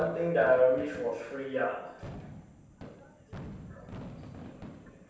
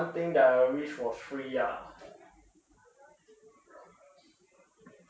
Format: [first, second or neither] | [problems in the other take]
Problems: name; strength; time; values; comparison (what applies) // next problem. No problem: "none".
second | background sound (Fireworks); 15 dB below the speech // room echo; dies away in 0.8 s